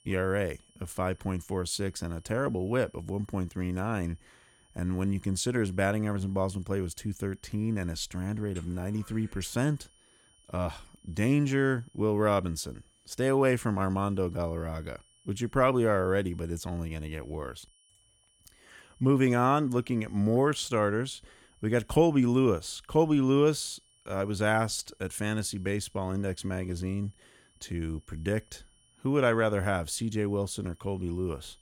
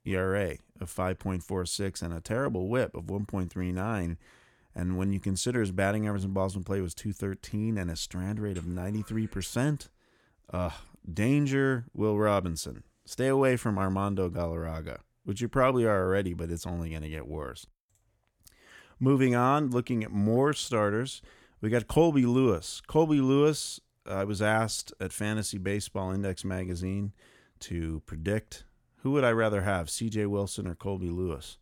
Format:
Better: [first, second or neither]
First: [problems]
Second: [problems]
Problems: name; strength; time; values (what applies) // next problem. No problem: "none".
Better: second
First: high-pitched whine; faint; throughout; 3 kHz, 35 dB below the speech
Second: none